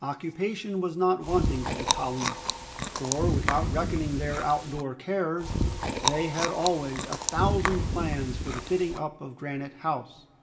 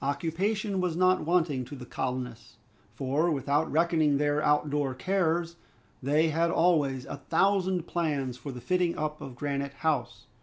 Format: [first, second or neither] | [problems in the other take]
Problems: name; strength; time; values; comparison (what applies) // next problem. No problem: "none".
second | background sound (Chewing, mastication); as loud as the speech // room echo; dies away in 2.5 s